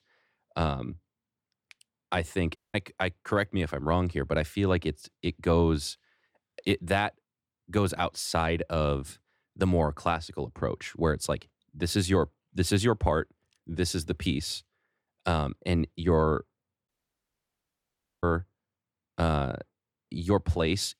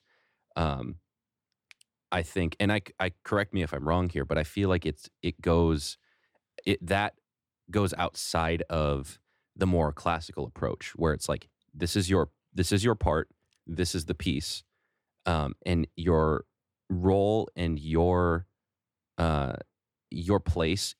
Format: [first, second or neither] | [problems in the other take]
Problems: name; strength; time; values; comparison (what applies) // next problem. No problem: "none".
second | audio cutting out; at 2.5 s and at 17 s for 1.5 s